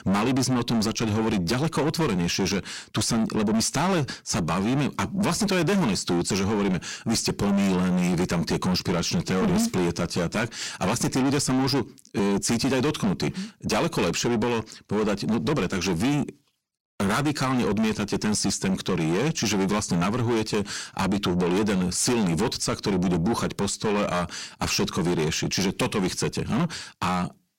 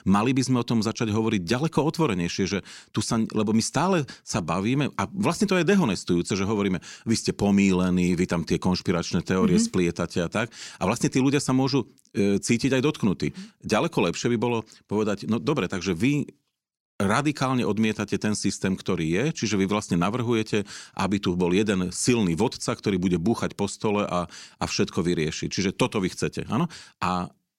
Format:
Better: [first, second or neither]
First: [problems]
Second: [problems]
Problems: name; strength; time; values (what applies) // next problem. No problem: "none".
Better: second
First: distortion; heavy; 6 dB below the speech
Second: none